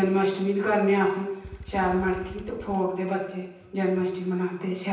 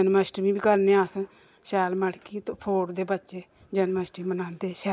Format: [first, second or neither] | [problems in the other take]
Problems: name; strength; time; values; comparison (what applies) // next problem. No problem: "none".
second | background sound (Motorcycle / Engine); 17 dB below the speech // room echo; dies away in 0.9 s